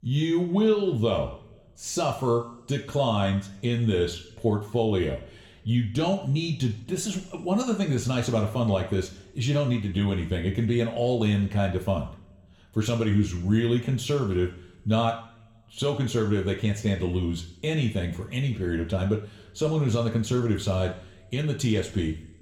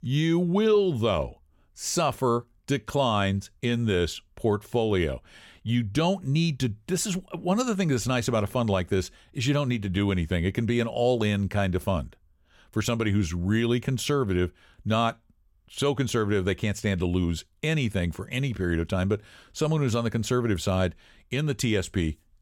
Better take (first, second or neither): second